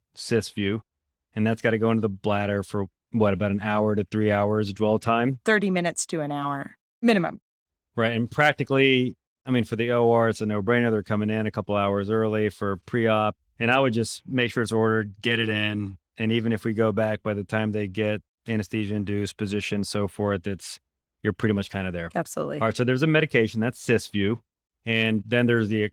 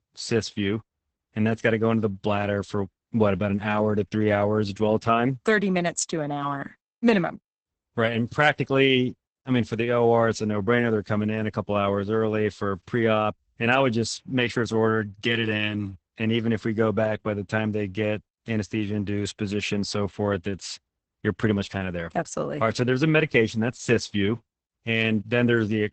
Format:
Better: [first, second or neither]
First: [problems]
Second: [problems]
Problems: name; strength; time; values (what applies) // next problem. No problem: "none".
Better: first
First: garbled, watery; slightly; nothing above 18.5 kHz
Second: garbled, watery; badly; nothing above 8 kHz